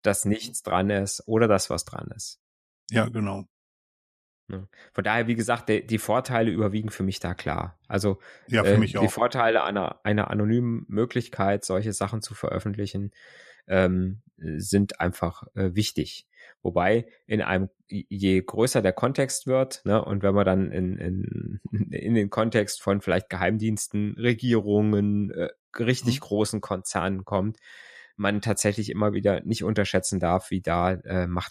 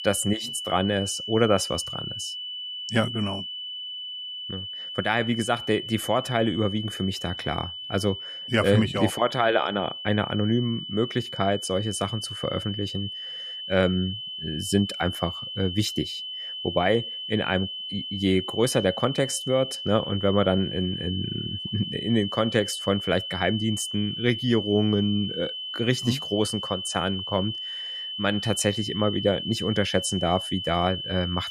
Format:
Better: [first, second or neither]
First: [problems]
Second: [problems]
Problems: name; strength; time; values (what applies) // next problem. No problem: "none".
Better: first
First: none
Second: high-pitched whine; loud; throughout; 3 kHz, 6 dB below the speech